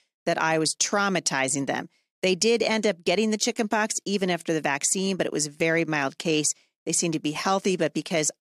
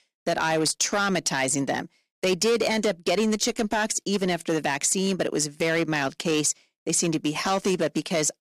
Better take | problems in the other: first | distortion; slight; 7% of the sound clipped

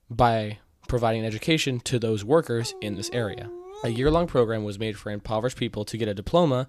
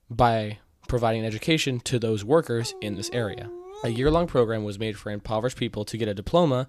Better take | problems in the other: neither | dog barking; faint; from 2.5 to 4.5 s; peak 15 dB below the speech; the same in both

